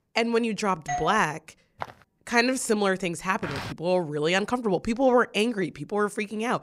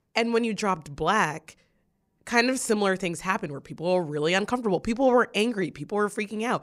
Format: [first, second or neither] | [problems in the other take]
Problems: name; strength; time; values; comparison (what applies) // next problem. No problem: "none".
second | doorbell; noticeable; at 1 s; peak 6 dB below the speech // footsteps; faint; at 2 s; peak 15 dB below the speech // footsteps; noticeable; at 3.5 s; peak 9 dB below the speech